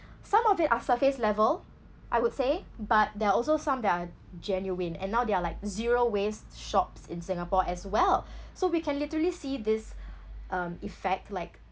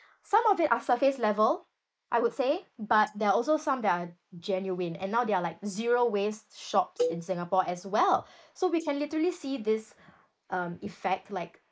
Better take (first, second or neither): first